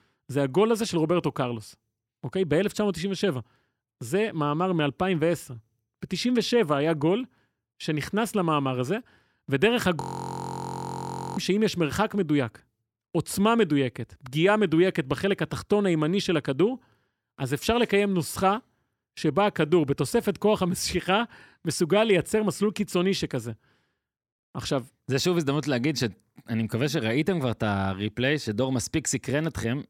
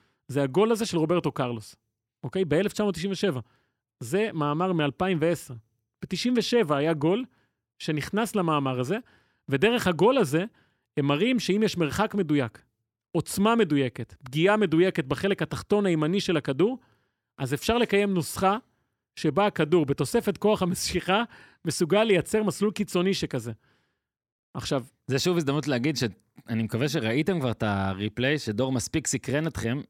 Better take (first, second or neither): second